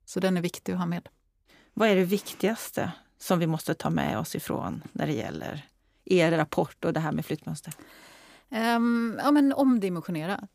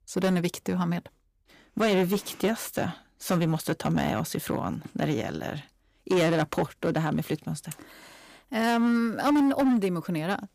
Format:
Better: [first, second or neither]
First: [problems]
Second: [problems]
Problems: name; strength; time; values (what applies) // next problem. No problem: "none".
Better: first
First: none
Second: distortion; slight; 7% of the sound clipped